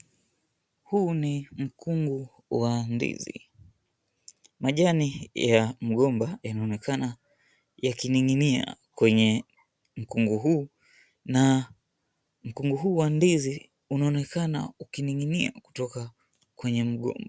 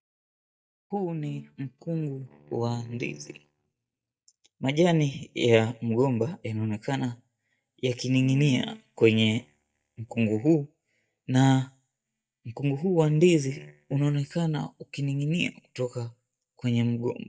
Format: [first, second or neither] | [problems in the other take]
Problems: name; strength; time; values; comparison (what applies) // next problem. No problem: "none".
first | noise reduction (neural mask model DeepFilterNet 3)